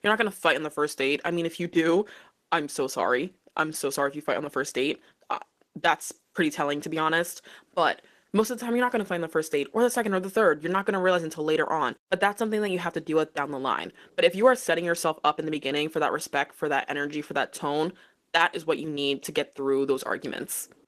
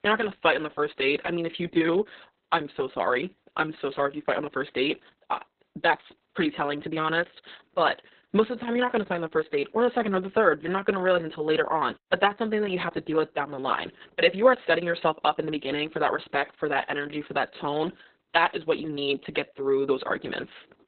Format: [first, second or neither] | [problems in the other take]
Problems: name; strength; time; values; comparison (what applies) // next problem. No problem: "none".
first | garbled, watery; badly; nothing above 4 kHz; slightly in the first